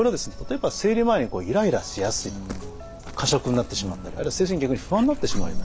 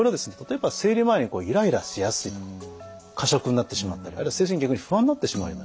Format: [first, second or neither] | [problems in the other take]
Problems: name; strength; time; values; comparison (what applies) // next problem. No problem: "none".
second | background sound (Dog); 7 dB below the speech